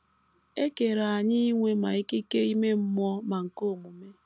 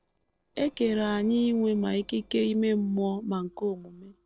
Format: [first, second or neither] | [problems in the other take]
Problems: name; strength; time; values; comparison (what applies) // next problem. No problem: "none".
first | noise reduction (neural separator model SepFormer DNS4)